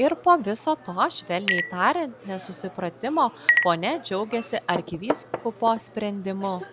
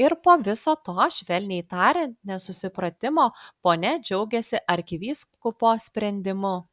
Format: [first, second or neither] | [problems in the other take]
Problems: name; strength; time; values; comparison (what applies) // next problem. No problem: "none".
second | background sound (Chink, clink); 6 dB below the speech